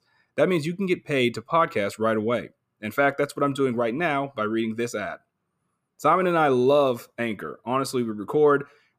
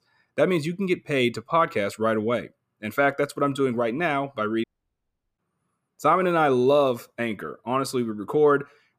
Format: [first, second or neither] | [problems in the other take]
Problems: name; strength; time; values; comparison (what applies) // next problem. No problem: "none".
first | audio cutting out; at 4.5 s for 0.5 s